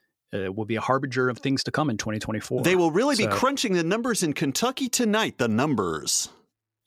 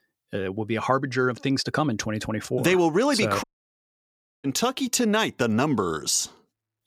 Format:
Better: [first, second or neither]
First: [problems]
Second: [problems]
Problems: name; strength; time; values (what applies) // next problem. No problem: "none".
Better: first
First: none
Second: audio cutting out; at 3.5 s for 1 s